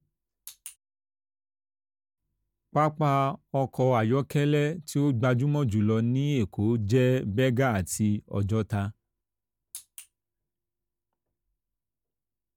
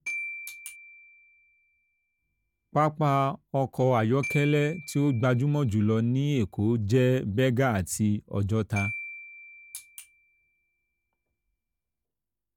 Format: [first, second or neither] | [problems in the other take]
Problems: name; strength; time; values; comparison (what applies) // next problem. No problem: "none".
first | background sound (Glockenspiel); 15 dB below the speech